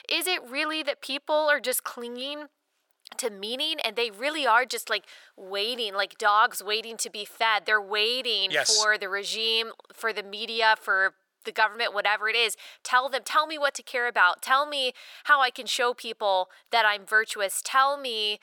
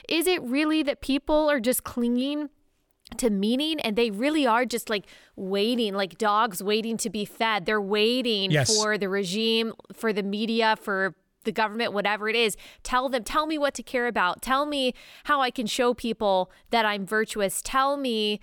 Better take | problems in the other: second | thin; very; fading below 700 Hz

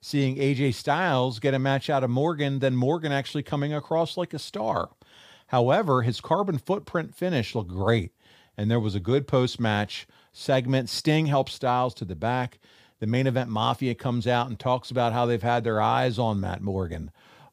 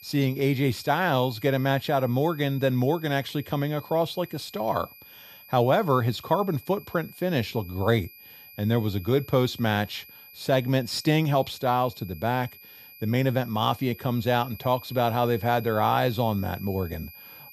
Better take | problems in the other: first | high-pitched whine; noticeable; throughout; 2.5 kHz, 20 dB below the speech

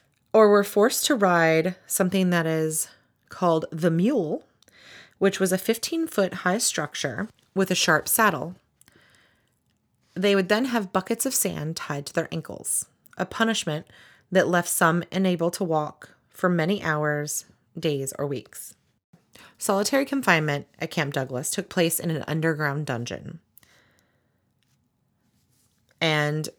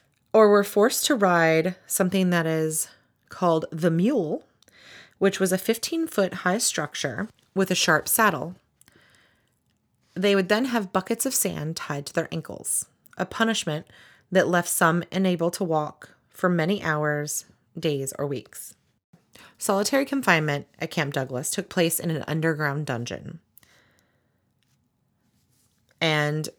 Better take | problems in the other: neither | none

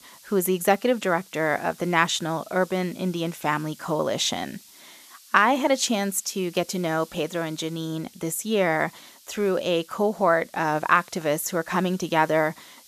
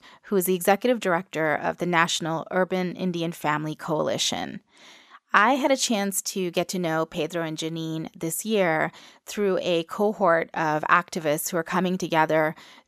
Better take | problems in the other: second | hiss; faint; throughout; 25 dB below the speech

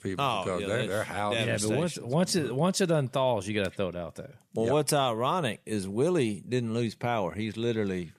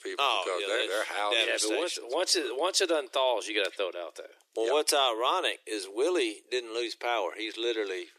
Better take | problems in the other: first | thin; very; fading below 300 Hz

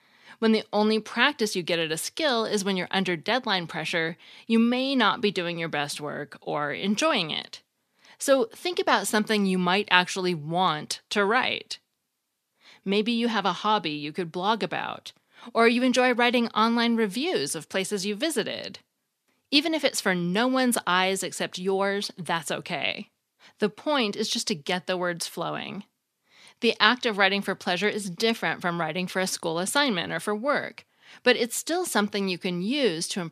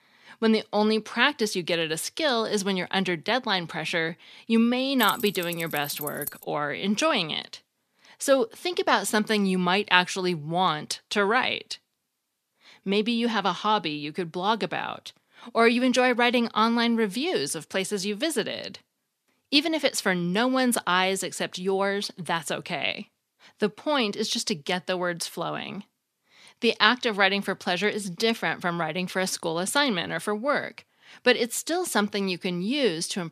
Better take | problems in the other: first | jangling keys; noticeable; from 5 to 6.5 s; peak 8 dB below the speech

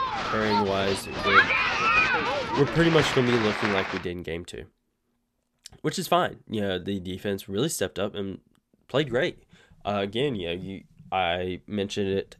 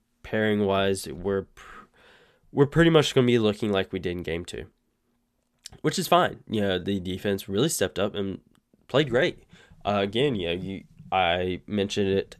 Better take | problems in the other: second | crowd noise; very loud; until 4 s; 3 dB above the speech

